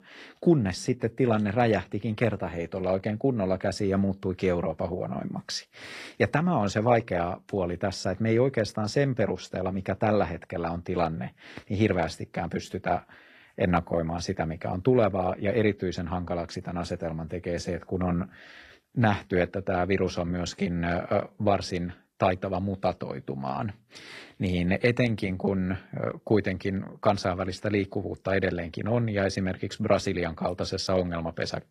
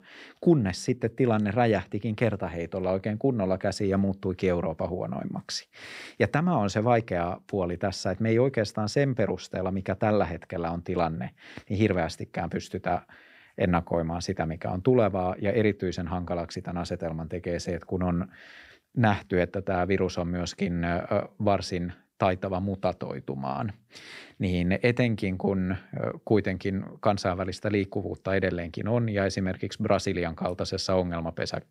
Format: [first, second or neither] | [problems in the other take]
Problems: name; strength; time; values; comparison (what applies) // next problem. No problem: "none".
second | garbled, watery; slightly; nothing above 14.5 kHz